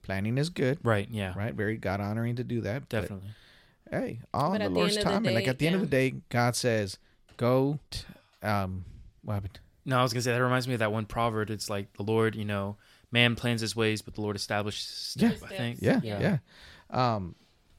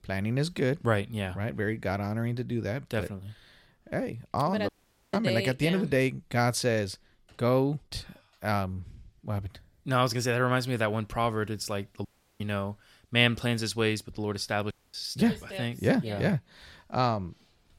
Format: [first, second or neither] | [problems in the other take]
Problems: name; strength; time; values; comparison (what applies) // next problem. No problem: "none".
first | audio cutting out; at 4.5 s, at 12 s and at 15 s